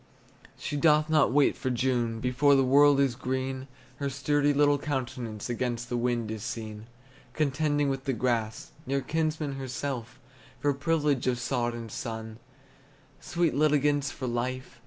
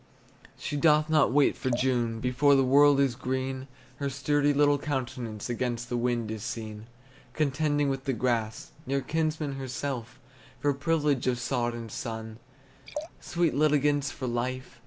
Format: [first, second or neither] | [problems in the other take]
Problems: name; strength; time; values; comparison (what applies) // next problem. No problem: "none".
first | background sound (Liquid); 16 dB below the speech